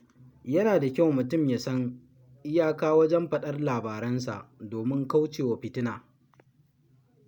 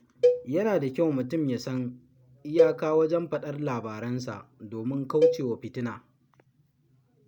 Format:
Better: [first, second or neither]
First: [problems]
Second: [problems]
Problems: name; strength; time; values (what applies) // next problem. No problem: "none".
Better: first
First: none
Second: background sound (Cowbell); as loud as the speech